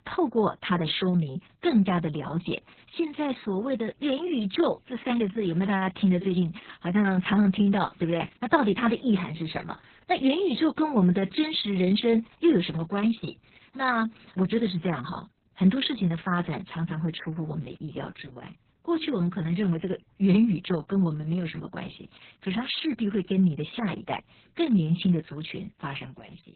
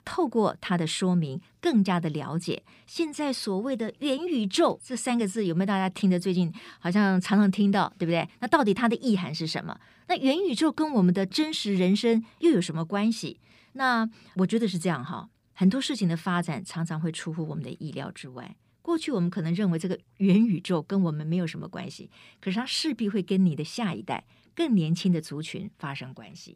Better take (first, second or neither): second